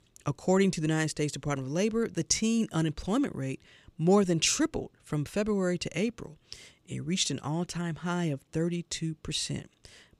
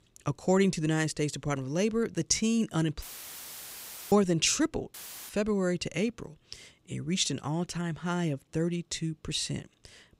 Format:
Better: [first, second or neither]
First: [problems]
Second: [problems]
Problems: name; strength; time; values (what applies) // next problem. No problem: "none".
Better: first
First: none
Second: audio cutting out; filled with static; at 3 s for 1 s and at 5 s